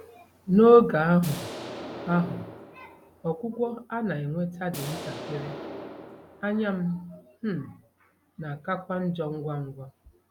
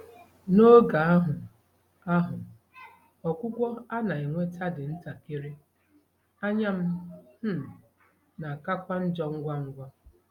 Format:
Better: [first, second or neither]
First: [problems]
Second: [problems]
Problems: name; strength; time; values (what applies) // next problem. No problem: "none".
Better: second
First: background sound (Explosion); 12 dB below the speech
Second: none